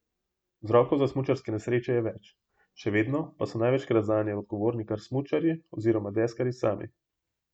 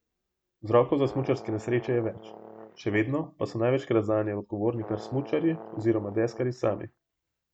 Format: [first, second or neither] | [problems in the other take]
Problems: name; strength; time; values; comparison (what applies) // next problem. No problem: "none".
first | background sound (Brass instrument); 16 dB below the speech